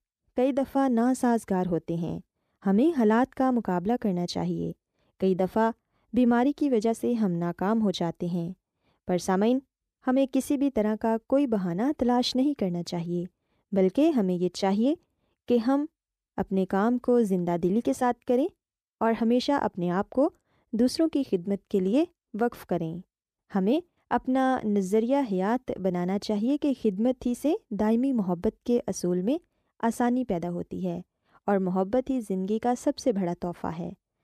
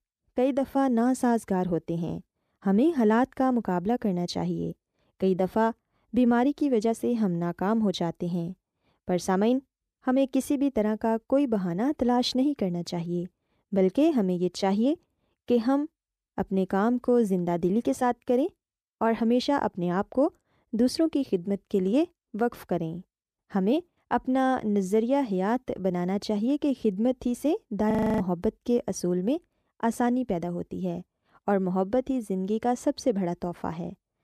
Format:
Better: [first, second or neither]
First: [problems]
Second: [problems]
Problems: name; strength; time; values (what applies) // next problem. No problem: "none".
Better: first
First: none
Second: audio freezing; at 28 s